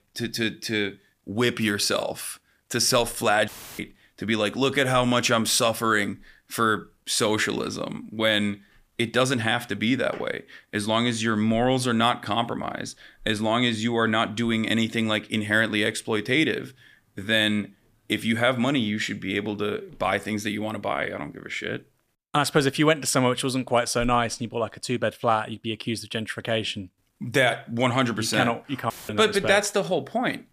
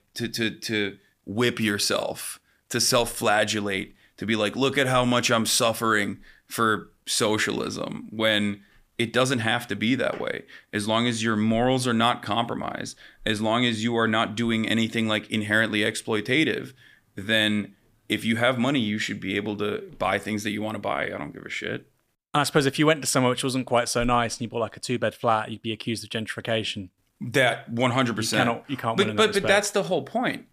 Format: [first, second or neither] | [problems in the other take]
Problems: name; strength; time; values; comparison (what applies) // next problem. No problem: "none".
second | audio cutting out; filled with static; at 3.5 s and at 29 s